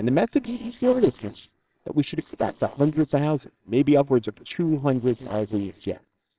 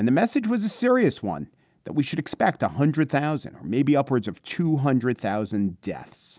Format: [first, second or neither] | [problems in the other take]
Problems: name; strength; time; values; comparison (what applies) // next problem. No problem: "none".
second | noise reduction (neural separator model SepFormer WHAMR!)